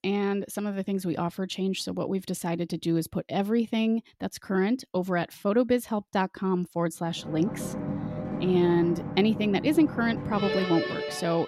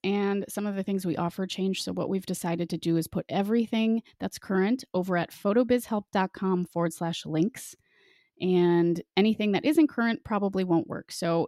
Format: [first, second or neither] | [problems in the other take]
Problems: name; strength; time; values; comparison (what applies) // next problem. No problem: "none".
second | background music; loud; from 7.5 s on; 6 dB below the speech